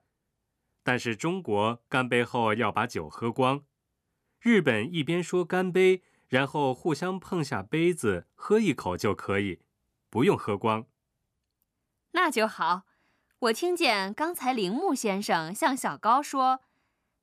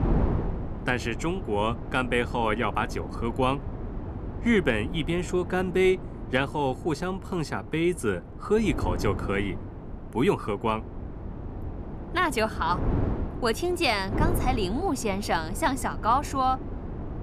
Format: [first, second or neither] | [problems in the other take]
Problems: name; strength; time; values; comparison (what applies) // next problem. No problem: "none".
first | wind noise on the microphone; occasional gusts; 15 dB below the speech